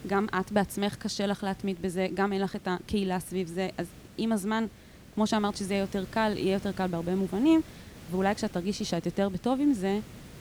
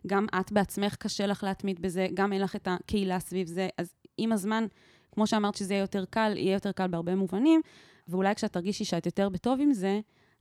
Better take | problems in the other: second | hiss; noticeable; throughout; 20 dB below the speech

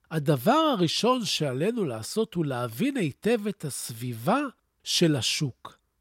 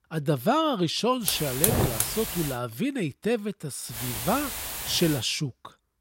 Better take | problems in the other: first | hiss; loud; from 1.5 to 2.5 s and from 4 to 5 s; 1 dB below the speech

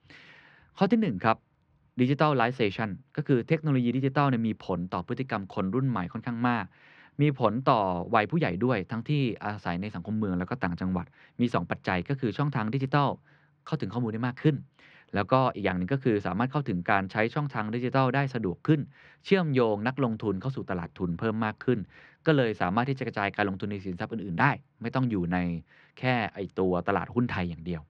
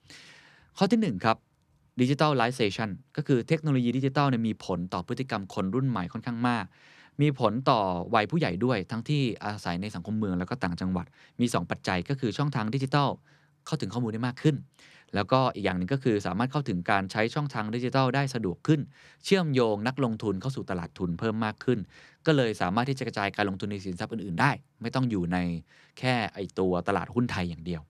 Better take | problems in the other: second | muffled; slightly; fading above 2.5 kHz

